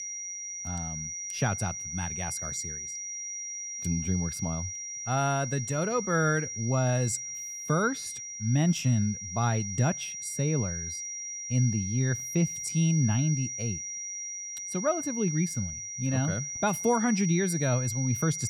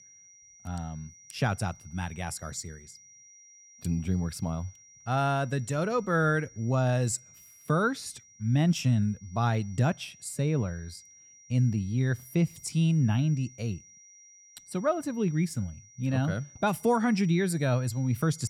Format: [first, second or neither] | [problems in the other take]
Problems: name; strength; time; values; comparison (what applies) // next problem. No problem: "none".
second | high-pitched whine; loud; throughout; 5.5 kHz, 5 dB below the speech; faint in the second